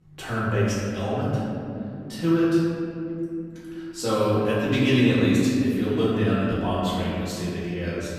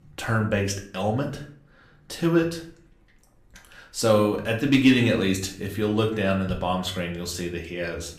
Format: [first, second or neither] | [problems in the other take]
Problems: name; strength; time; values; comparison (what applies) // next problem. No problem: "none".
second | room echo; strong; dies away in 3 s; slight in the second // off-mic speech; far; somewhat distant in the second